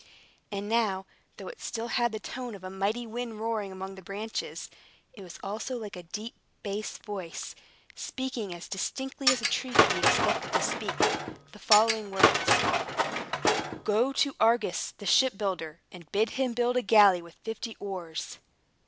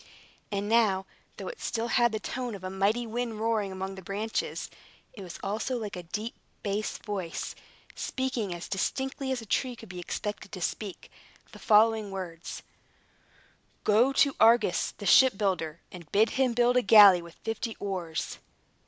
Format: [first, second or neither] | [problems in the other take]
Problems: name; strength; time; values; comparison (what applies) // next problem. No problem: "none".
second | background sound (Tools); 4 dB above the speech